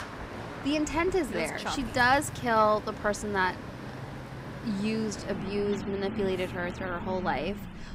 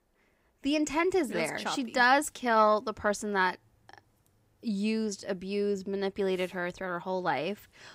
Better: second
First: traffic noise; noticeable; throughout; 10 dB below the speech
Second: none

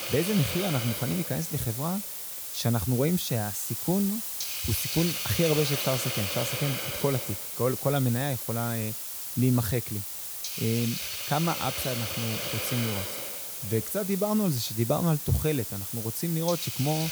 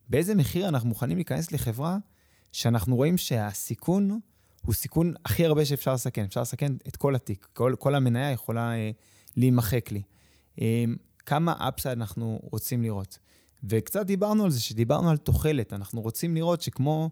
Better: second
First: hiss; loud; throughout; 1 dB below the speech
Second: none

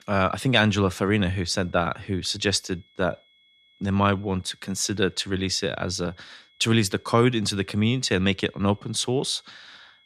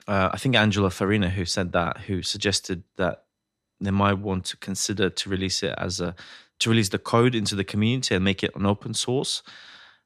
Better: second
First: high-pitched whine; faint; throughout; 3.5 kHz, 35 dB below the speech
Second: none

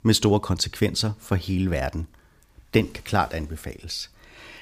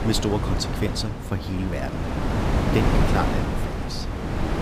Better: first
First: none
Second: wind noise on the microphone; heavy; 1 dB above the speech

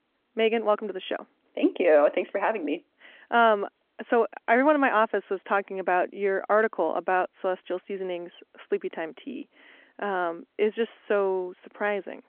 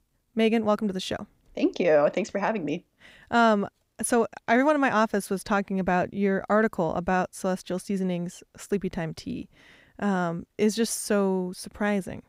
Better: second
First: phone-call audio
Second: none

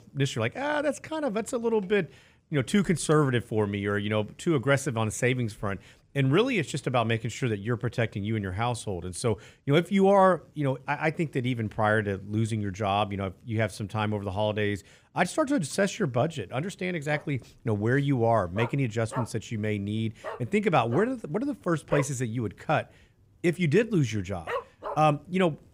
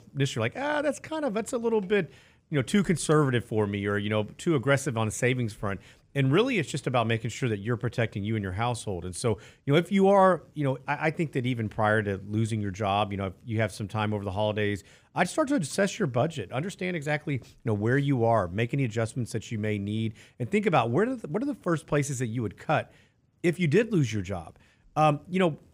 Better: second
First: dog barking; noticeable; from 17 to 25 s; peak 7 dB below the speech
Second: none

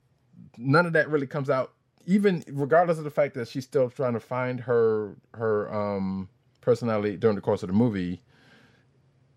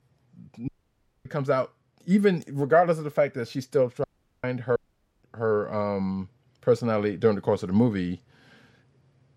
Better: first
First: none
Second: audio cutting out; at 0.5 s for 0.5 s, at 4 s and at 5 s

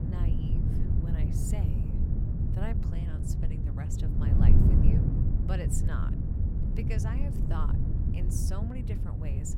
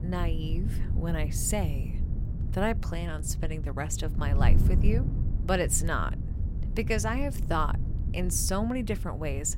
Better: second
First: wind noise on the microphone; heavy; 3 dB above the speech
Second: wind noise on the microphone; occasional gusts; 10 dB below the speech

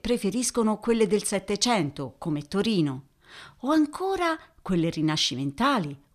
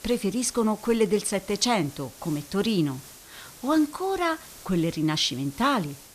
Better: first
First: none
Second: hiss; noticeable; throughout; 20 dB below the speech

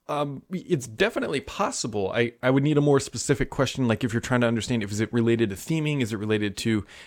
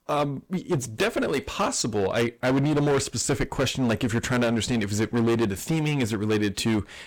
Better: first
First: none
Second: distortion; heavy; 15% of the sound clipped

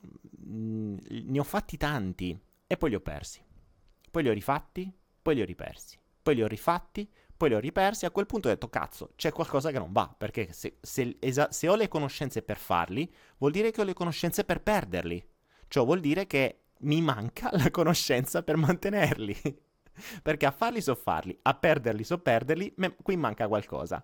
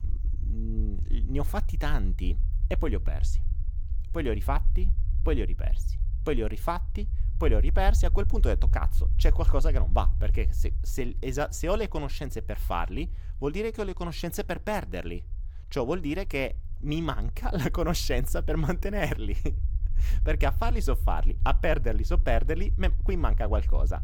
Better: first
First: none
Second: low rumble; noticeable; throughout; 20 dB below the speech

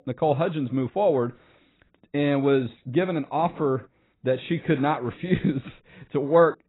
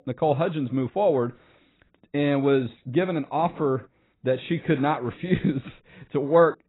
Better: neither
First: garbled, watery; badly; nothing above 4 kHz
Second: garbled, watery; badly; nothing above 4 kHz

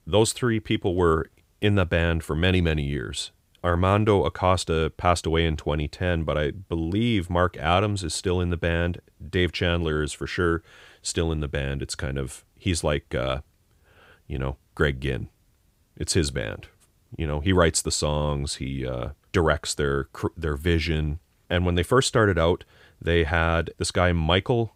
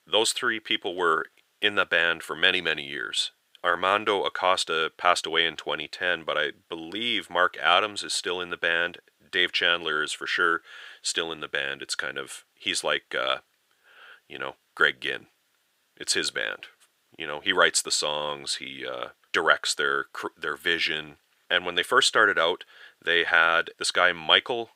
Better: first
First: none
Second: thin; very; fading below 500 Hz

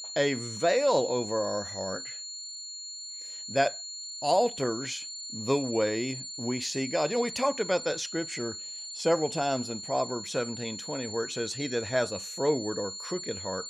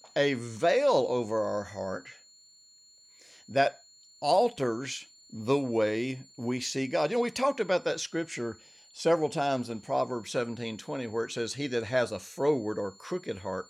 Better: second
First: high-pitched whine; loud; throughout; 4.5 kHz, 7 dB below the speech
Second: high-pitched whine; faint; throughout; 4.5 kHz, 25 dB below the speech

